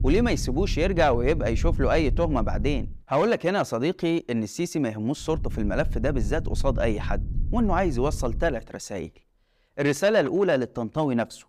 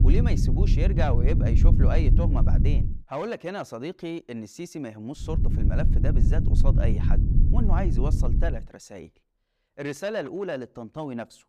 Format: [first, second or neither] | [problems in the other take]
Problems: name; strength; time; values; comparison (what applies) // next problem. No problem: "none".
first | low rumble; loud; until 3 s and from 5.5 to 8.5 s; 4 dB below the speech; faint in the first